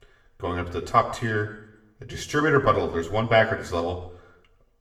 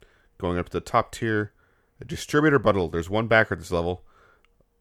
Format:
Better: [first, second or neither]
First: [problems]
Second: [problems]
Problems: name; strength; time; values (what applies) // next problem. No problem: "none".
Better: second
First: room echo; slight; dies away in 0.7 s // off-mic speech; somewhat distant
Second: none